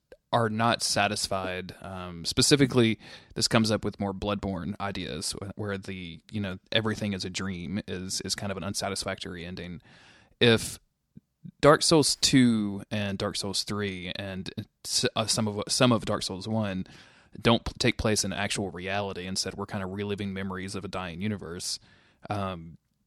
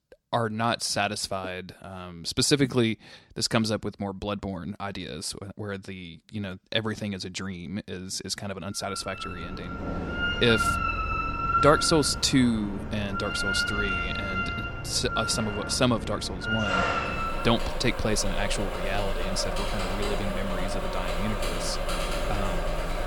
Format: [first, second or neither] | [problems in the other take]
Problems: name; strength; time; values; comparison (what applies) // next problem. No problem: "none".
first | machinery noise; loud; from 9.5 s on; 2 dB below the speech